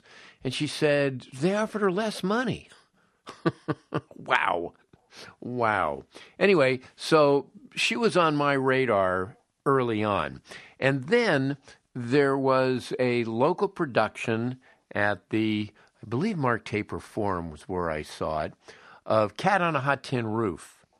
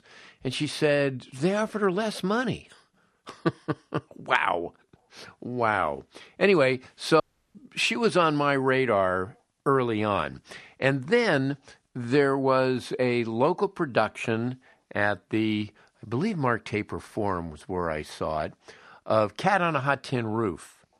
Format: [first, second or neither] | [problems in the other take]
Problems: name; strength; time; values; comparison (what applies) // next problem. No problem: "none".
first | audio cutting out; at 7 s